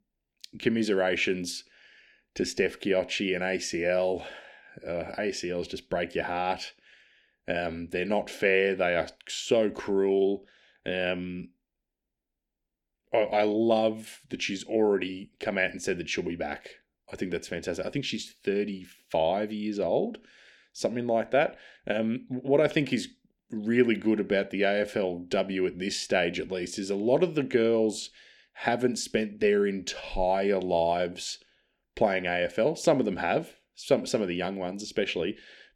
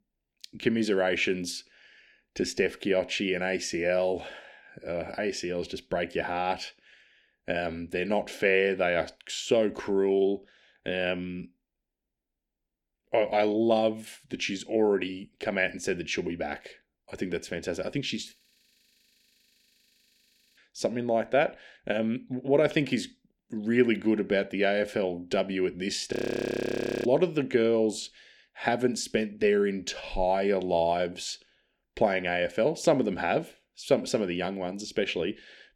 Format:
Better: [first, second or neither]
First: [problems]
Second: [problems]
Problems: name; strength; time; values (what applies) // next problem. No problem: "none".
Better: first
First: none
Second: audio freezing; at 18 s for 2 s and at 26 s for 1 s